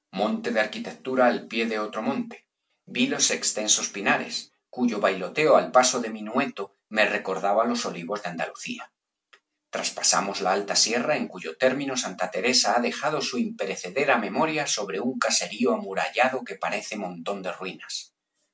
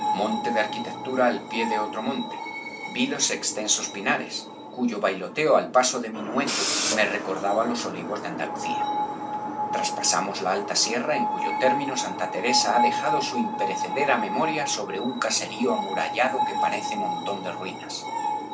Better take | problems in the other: first | background sound (Screech); 3 dB below the speech

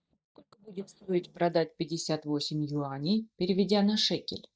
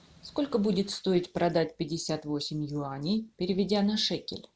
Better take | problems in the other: second | noise reduction (neural mask model DeepFilterNet 3)

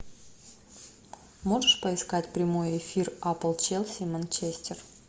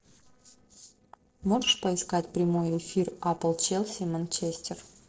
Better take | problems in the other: first | noise reduction (neural separator model SepFormer DNS4)

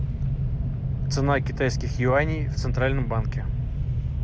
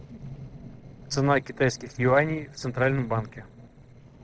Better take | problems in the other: first | noise reduction (neural separator model SepFormer DNS4)

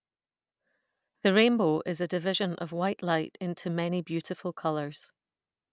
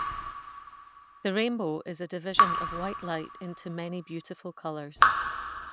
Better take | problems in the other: first | background sound (Raindrop / Drip); 4 dB above the speech

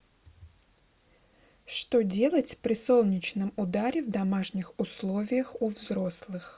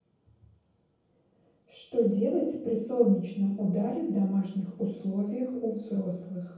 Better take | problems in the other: first | room echo; dies away in 0.9 s

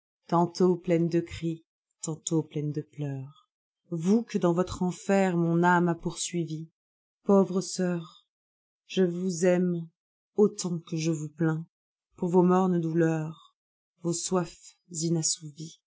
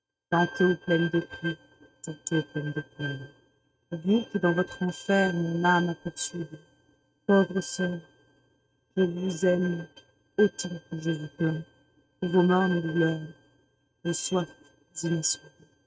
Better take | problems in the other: first | noise reduction (neural mask model RNNoise)

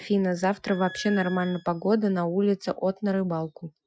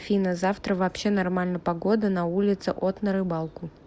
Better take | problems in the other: second | noise reduction (classical method Wiener filter)

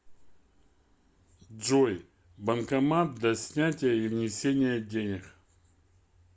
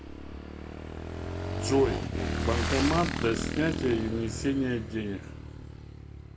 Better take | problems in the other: first | background sound (Motorcycle / Engine); 2 dB below the speech // room echo; dies away in 1.5 s

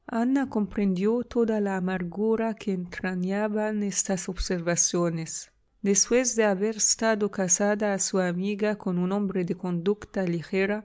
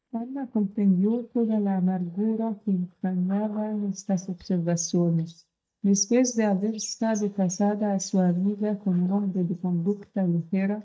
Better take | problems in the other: first | noise reduction (neural mask model DeepFilterNet 3)

